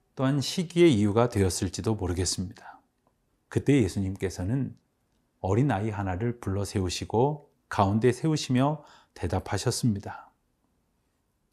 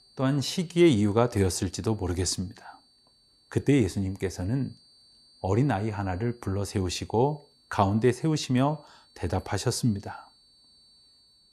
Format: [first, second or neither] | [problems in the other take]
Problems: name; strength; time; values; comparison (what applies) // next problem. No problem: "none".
first | high-pitched whine; faint; throughout; 4.5 kHz, 30 dB below the speech